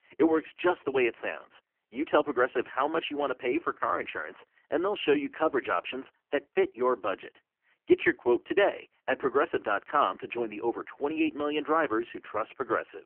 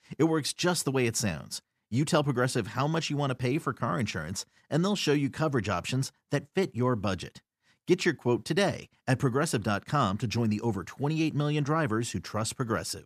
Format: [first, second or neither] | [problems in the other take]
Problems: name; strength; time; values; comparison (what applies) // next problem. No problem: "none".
second | phone-call audio; poor line; nothing above 3 kHz